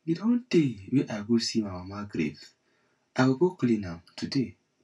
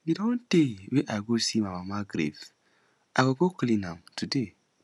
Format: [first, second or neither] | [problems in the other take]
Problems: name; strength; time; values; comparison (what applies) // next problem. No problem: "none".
second | room echo; dies away in 0.1 s